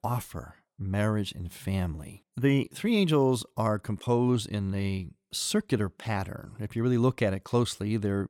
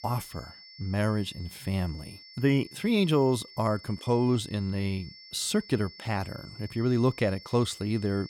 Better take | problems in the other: first | high-pitched whine; noticeable; throughout; 5.5 kHz, 20 dB below the speech

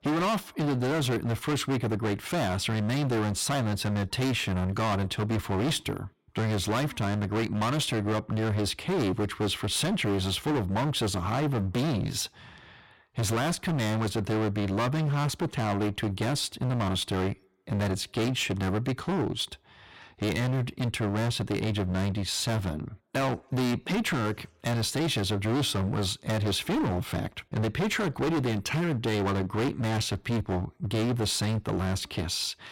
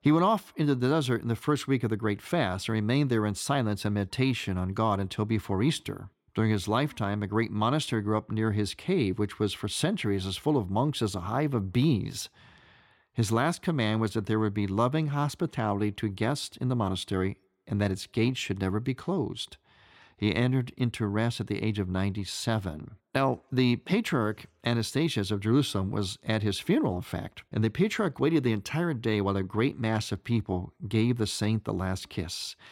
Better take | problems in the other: second | distortion; heavy; 26% of the sound clipped

